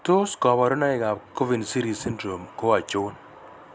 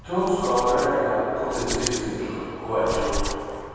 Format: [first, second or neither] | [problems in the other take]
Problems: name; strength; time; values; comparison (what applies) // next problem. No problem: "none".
first | background sound (Hands); 9 dB below the speech // room echo; dies away in 2.2 s